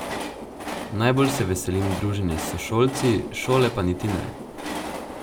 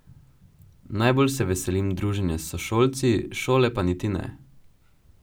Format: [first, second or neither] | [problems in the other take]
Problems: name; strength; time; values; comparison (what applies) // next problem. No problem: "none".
second | background sound (Train); 8 dB below the speech